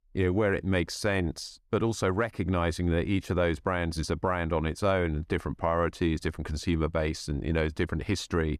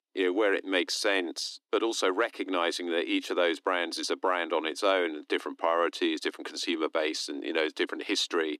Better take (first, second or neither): first